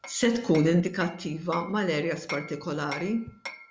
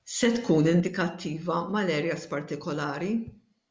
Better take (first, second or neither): second